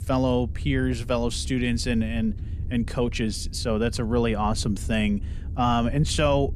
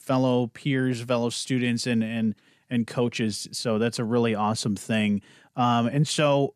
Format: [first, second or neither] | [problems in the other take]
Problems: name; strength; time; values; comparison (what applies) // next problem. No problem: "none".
second | low rumble; faint; throughout; 20 dB below the speech